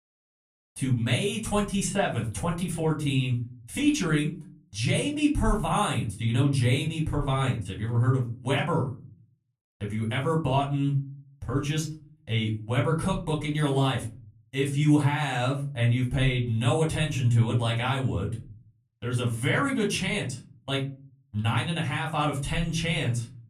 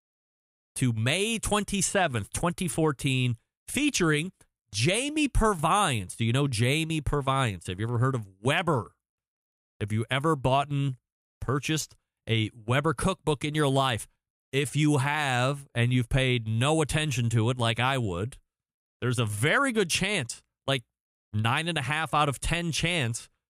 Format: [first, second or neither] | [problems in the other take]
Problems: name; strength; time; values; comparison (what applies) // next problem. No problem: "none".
second | off-mic speech; far // room echo; very slight; dies away in 0.4 s